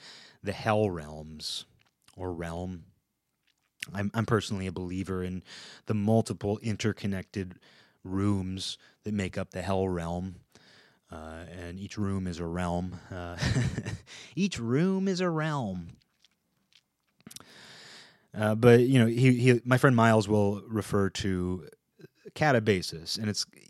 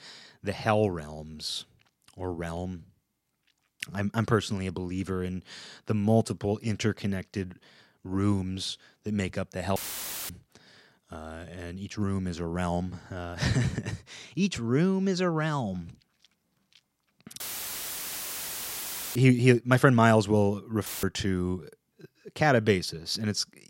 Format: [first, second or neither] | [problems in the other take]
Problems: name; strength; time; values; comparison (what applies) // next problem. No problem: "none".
first | audio cutting out; filled with static; at 10 s for 0.5 s, at 17 s for 2 s and at 21 s